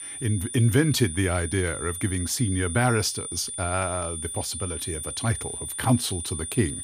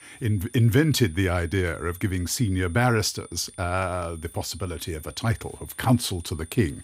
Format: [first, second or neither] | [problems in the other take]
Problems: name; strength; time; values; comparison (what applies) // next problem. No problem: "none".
second | high-pitched whine; loud; throughout; 9.5 kHz, 6 dB below the speech; faint in the second